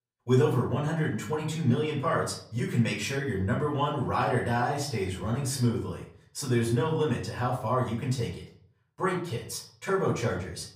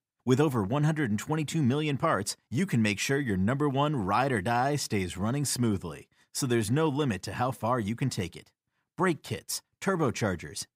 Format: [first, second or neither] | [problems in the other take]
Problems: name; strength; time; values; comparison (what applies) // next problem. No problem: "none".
second | off-mic speech; far // room echo; slight; dies away in 0.5 s